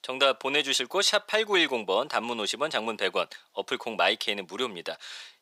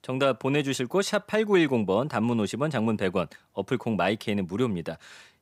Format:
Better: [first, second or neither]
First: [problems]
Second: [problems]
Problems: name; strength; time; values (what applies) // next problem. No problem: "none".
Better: second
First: thin; somewhat; fading below 550 Hz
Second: none